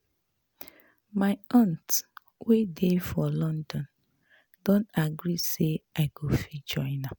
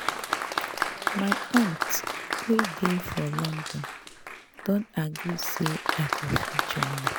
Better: first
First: none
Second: background sound (Applause); 1 dB below the speech

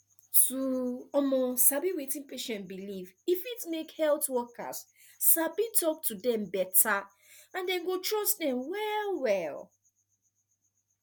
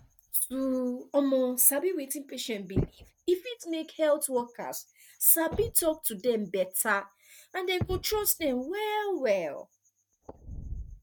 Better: first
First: none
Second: noise reduction (neural mask model RNNoise)

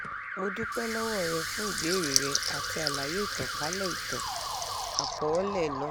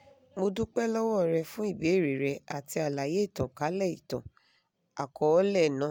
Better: second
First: background sound (Water tap, faucet / Liquid + Alarm); 1 dB above the speech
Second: none

